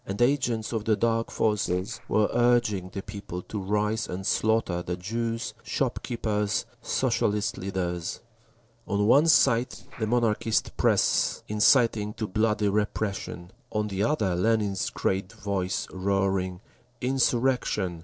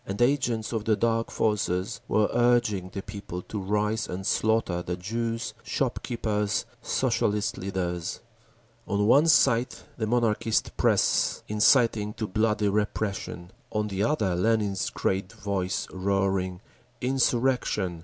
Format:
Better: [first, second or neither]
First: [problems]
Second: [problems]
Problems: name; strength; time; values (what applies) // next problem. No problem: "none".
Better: second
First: noise reduction (neural separator model SepFormer DNS4)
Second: none